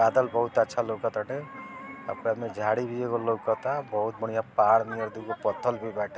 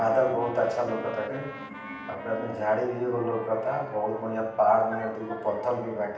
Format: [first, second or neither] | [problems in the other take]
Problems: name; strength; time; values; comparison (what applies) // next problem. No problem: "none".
first | background sound (Trumpet); 18 dB below the speech // room echo; dies away in 0.8 s